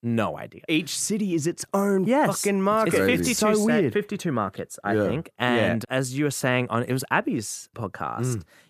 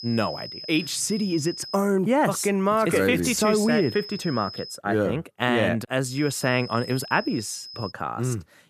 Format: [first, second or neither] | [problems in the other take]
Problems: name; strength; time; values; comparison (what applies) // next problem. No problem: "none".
first | high-pitched whine; noticeable; until 2 s, from 3.5 to 5 s and from 6 to 8 s; 5 kHz, 10 dB below the speech